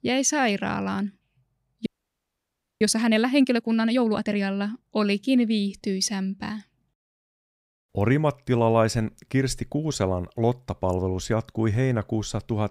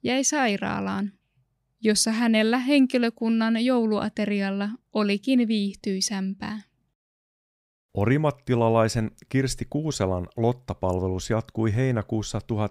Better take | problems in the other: second | audio freezing; at 2 s for 1 s

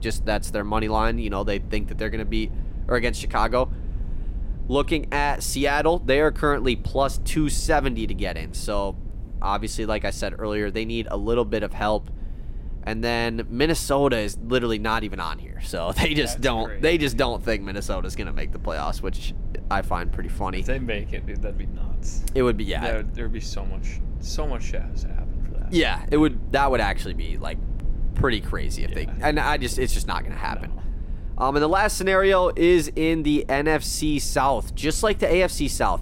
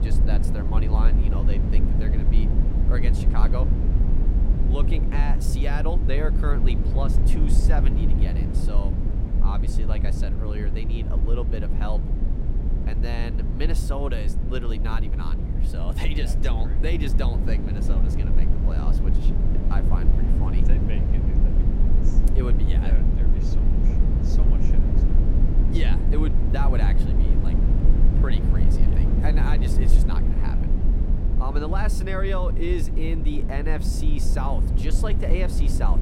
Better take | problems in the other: first | low rumble; loud; throughout; 3 dB below the speech; faint in the first

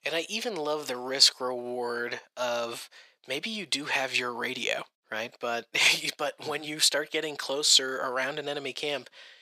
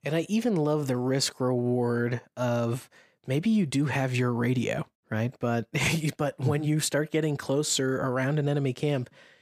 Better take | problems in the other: second | thin; very; fading below 600 Hz

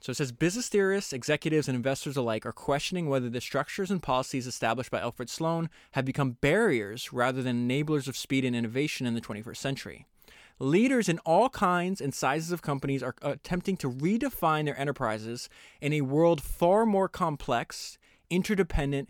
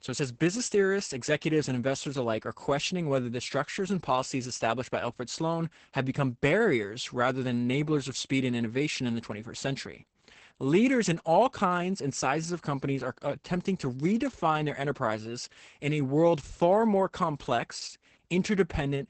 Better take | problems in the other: first | garbled, watery; badly; nothing above 8 kHz

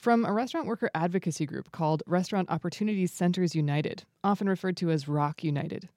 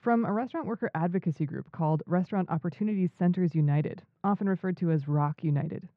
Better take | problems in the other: first | muffled; very; fading above 1.5 kHz

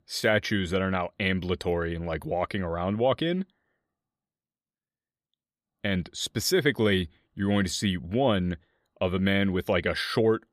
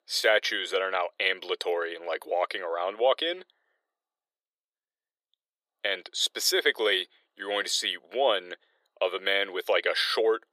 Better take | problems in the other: first | thin; very; fading below 400 Hz

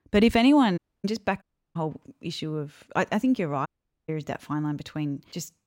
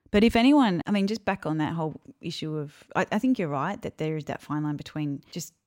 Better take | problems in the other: second | audio cutting out; at 1 s, at 1.5 s and at 3.5 s

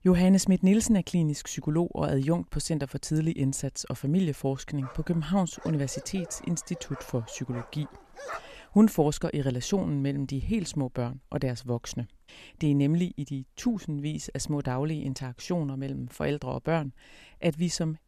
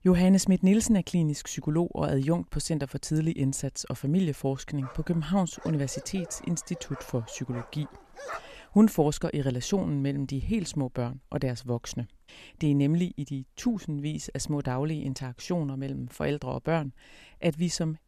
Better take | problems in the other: neither | dog barking; faint; from 5 to 8.5 s; peak 10 dB below the speech; the same in both

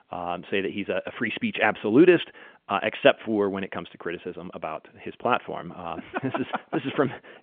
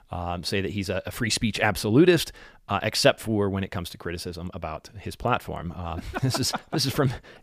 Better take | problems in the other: second | phone-call audio; nothing above 3.5 kHz

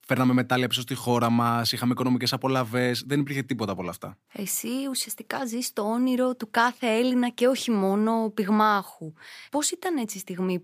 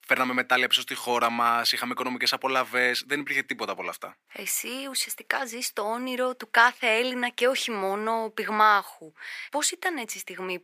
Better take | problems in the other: first | thin; somewhat; fading below 450 Hz

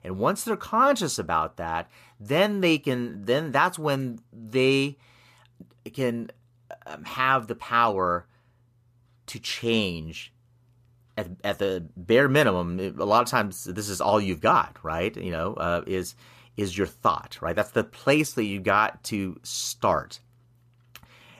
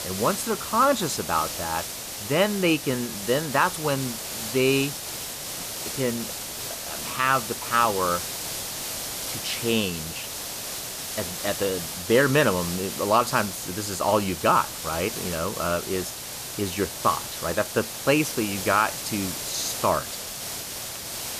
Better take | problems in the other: first | hiss; loud; throughout; 6 dB below the speech

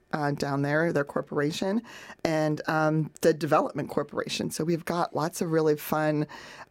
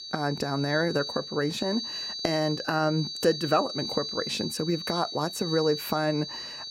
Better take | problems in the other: first | high-pitched whine; loud; throughout; 4.5 kHz, 5 dB below the speech

